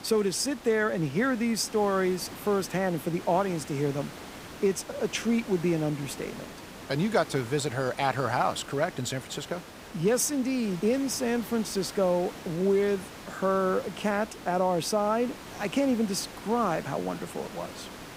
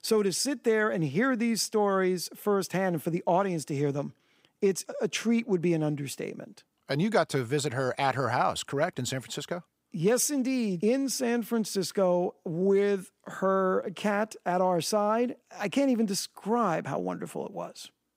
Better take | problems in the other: second | hiss; noticeable; throughout; 15 dB below the speech

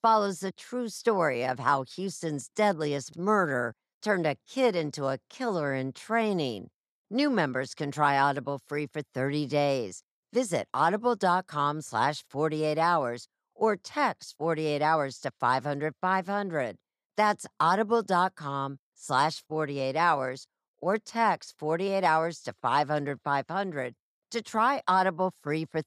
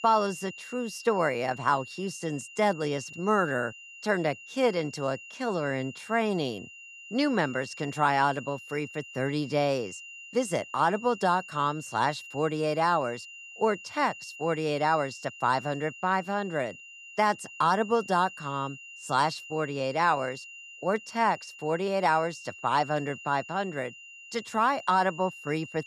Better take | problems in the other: first | high-pitched whine; noticeable; throughout; 3 kHz, 15 dB below the speech

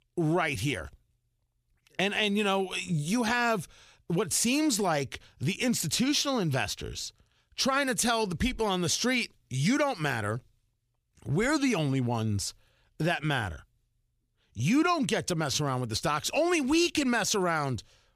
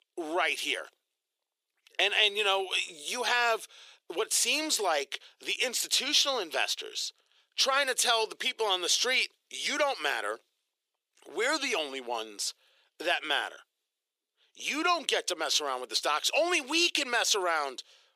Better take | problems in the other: first | thin; very; fading below 400 Hz

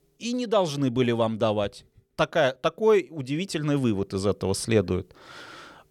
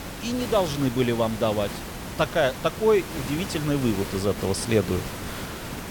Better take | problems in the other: first | hiss; loud; throughout; 9 dB below the speech

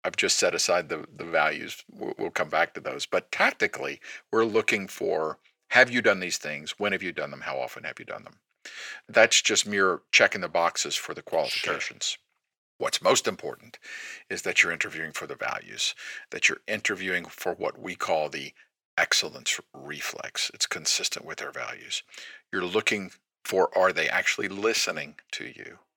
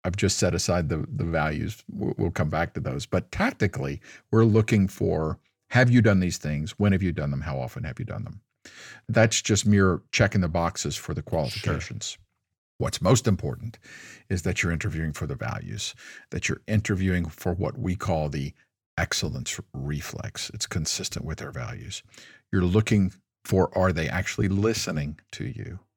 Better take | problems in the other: second | thin; very; fading below 500 Hz

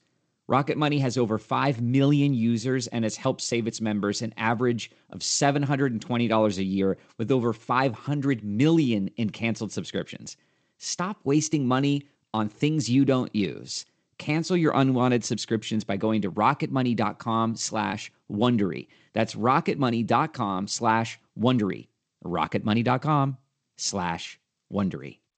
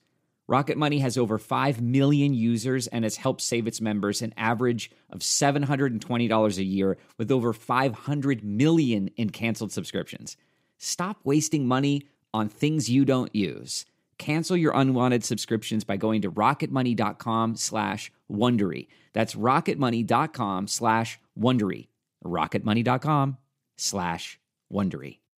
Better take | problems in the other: second | garbled, watery; slightly; nothing above 8 kHz

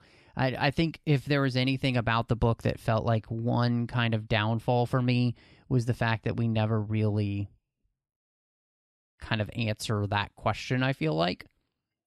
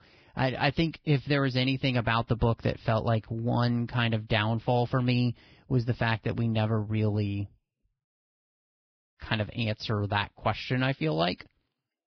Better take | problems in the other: first | garbled, watery; badly; nothing above 5 kHz

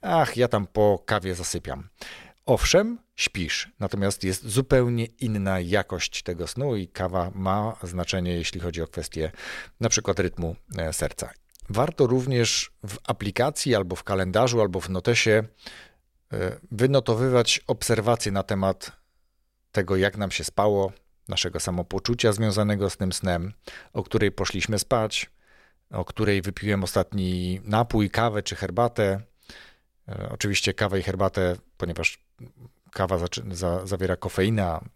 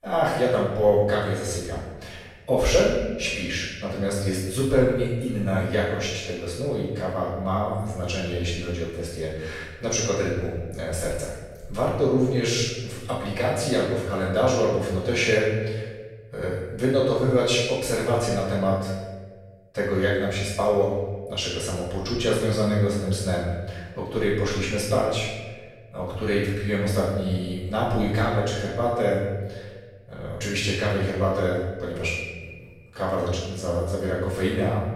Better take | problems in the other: first | off-mic speech; far // room echo; noticeable; dies away in 1.2 s

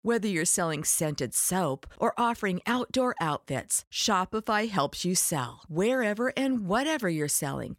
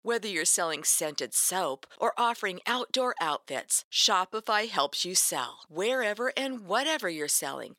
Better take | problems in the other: first | thin; somewhat; fading below 450 Hz

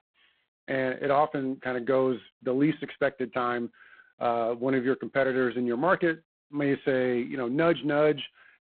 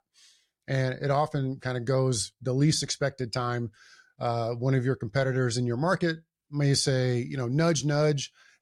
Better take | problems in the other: second | phone-call audio; poor line; nothing above 4 kHz

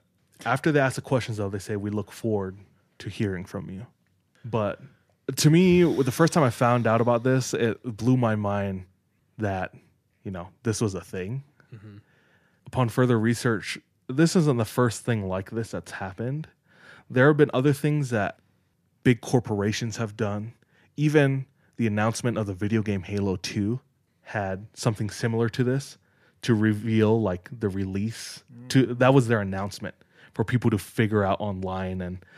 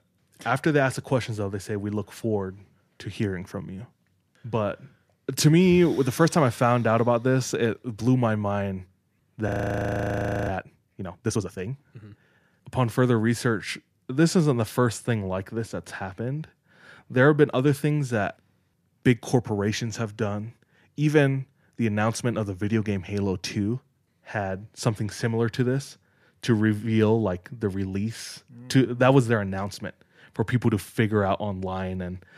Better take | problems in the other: first | audio freezing; at 9.5 s for 1 s

